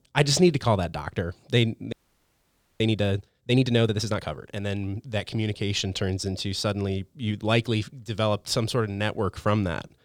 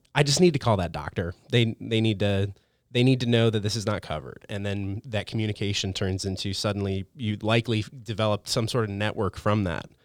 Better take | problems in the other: second | audio freezing; at 2 s for 1 s

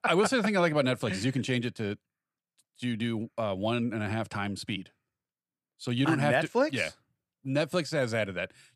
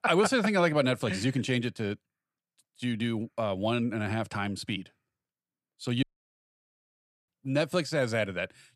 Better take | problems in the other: first | audio cutting out; at 6 s for 1.5 s

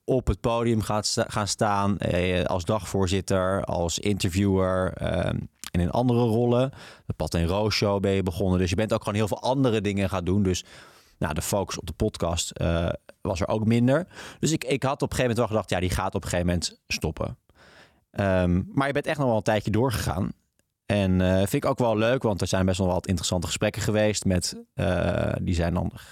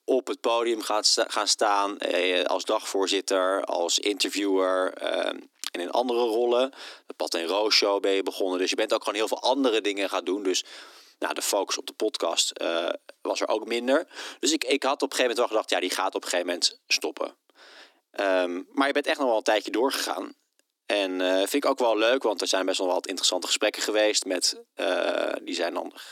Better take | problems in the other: first | thin; somewhat; fading below 250 Hz

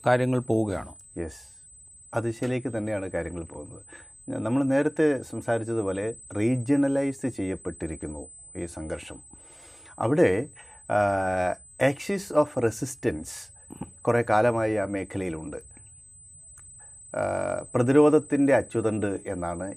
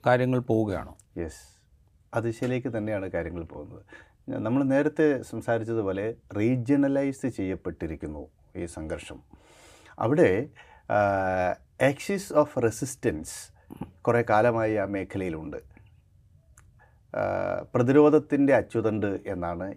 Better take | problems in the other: second | high-pitched whine; faint; throughout; 8 kHz, 20 dB below the speech

